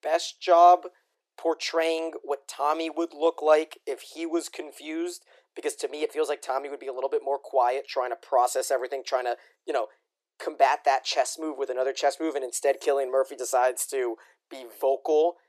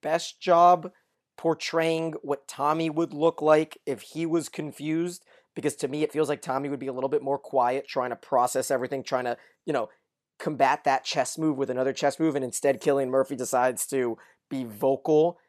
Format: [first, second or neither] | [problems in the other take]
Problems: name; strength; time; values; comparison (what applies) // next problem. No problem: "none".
second | thin; very; fading below 350 Hz